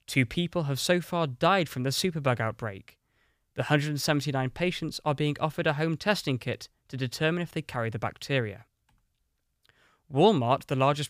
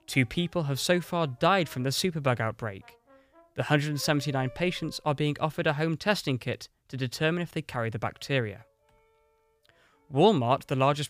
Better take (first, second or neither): first